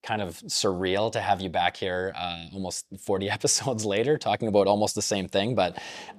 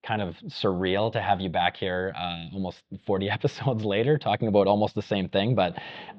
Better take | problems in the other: first | muffled; very; fading above 3.5 kHz

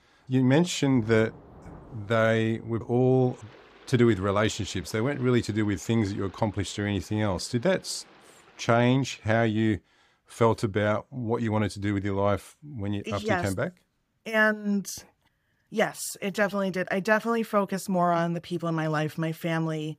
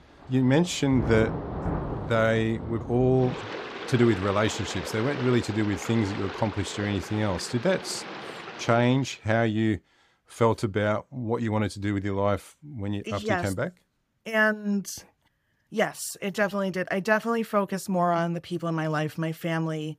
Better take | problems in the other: first | rain or running water; loud; until 8.5 s; 9 dB below the speech; faint in the first

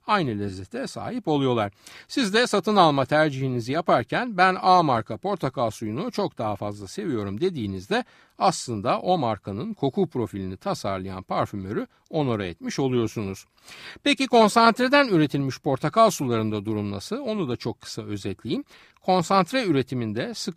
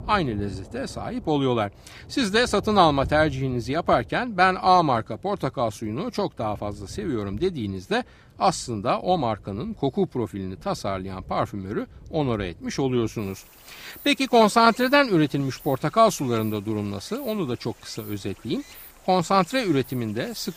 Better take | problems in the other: first | rain or running water; faint; throughout; 20 dB below the speech

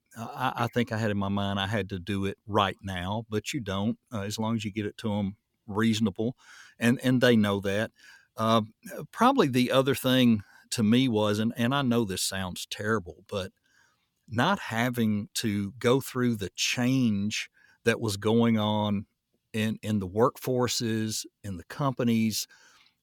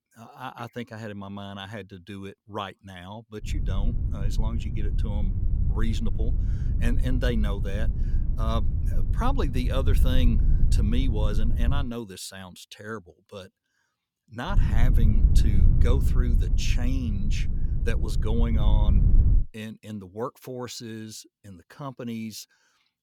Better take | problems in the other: first | low rumble; loud; from 3.5 to 12 s and from 15 to 19 s; 6 dB below the speech

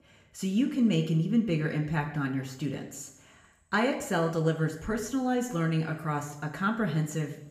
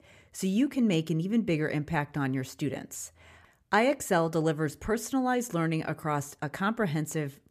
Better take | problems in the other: second | room echo; slight; dies away in 0.8 s

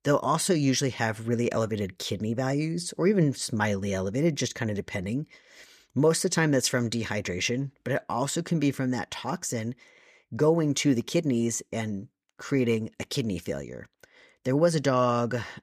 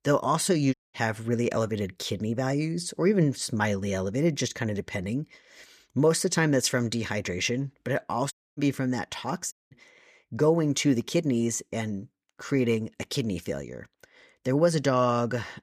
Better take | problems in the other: first | audio cutting out; at 0.5 s, at 8.5 s and at 9.5 s

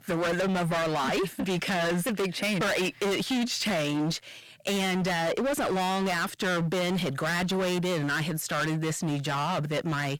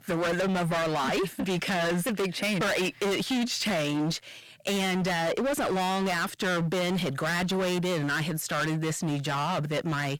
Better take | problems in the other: neither | distortion; heavy; 33% of the sound clipped; the same in both

